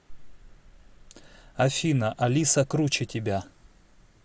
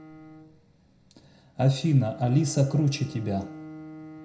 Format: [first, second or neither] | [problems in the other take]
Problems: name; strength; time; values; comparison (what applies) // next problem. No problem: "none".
first | background sound (Bowed string instrument); 18 dB below the speech // room echo; dies away in 0.4 s